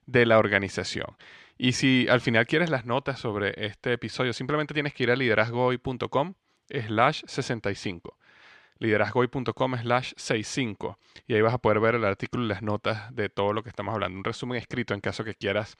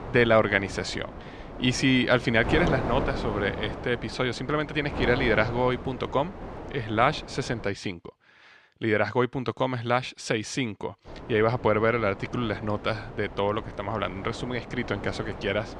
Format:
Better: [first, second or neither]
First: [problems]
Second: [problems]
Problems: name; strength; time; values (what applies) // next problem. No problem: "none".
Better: first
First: none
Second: wind noise on the microphone; occasional gusts; until 7.5 s and from 11 s on; 10 dB below the speech